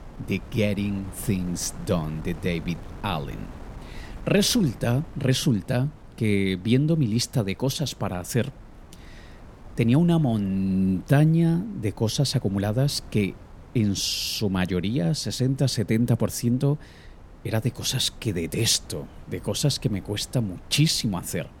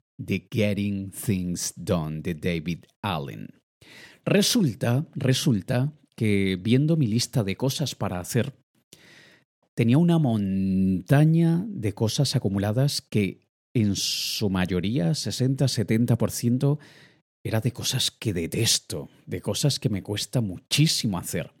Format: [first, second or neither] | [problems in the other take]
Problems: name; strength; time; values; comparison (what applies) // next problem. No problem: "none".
second | wind noise on the microphone; occasional gusts; 20 dB below the speech